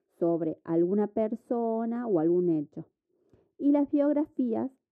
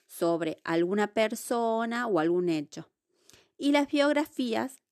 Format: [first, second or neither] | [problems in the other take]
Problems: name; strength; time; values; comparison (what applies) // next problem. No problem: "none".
second | muffled; very; fading above 1.5 kHz